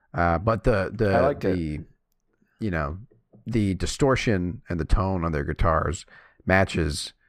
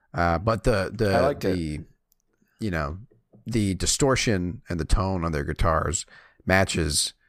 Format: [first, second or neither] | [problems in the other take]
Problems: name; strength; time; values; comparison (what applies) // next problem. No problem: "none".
second | muffled; slightly; fading above 4 kHz